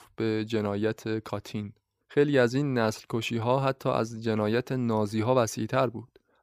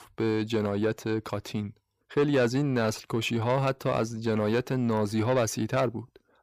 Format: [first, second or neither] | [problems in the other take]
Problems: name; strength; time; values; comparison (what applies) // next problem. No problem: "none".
first | distortion; slight; 10 dB below the speech